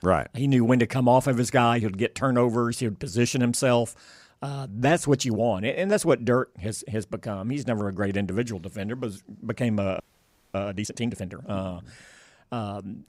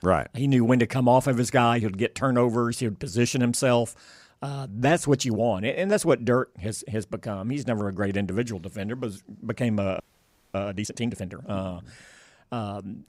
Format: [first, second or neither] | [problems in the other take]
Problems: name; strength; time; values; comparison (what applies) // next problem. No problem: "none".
neither | audio freezing; at 10 s for 0.5 s; the same in both